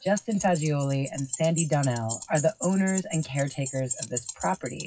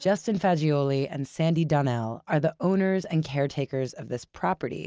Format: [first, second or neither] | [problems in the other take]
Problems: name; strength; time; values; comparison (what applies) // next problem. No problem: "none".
second | noise reduction (classical method WPE with log-MMSE)